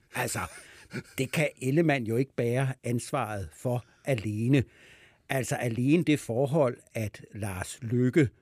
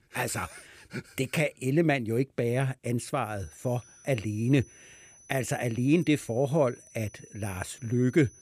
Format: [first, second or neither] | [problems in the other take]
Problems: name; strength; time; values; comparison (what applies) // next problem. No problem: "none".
first | high-pitched whine; faint; from 3.5 s on; 6 kHz, 25 dB below the speech